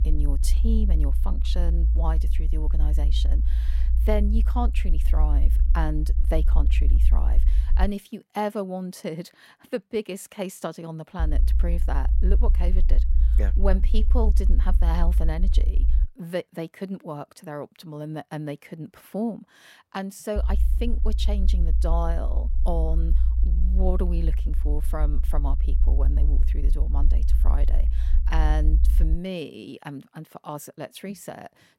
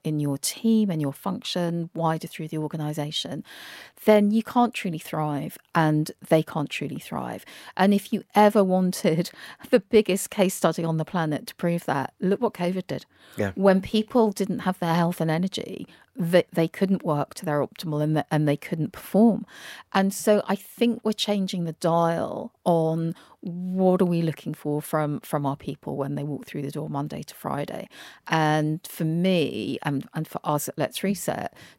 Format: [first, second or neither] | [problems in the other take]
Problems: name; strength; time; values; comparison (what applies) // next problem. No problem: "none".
second | low rumble; noticeable; until 8 s, from 11 to 16 s and from 20 to 29 s; 10 dB below the speech